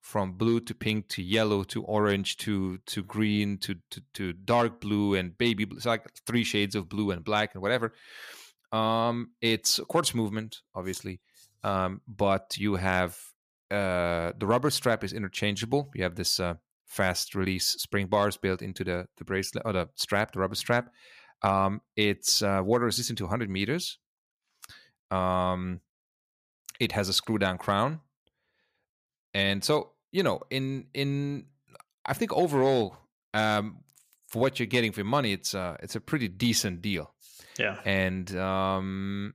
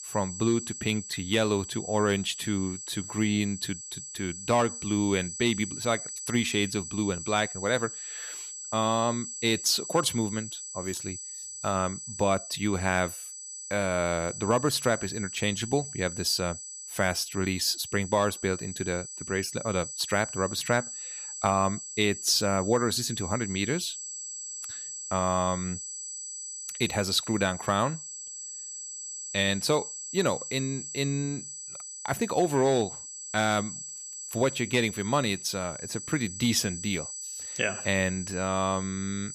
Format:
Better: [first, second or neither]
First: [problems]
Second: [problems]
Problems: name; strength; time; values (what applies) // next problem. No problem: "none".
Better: first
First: none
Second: high-pitched whine; loud; throughout; 8 kHz, 8 dB below the speech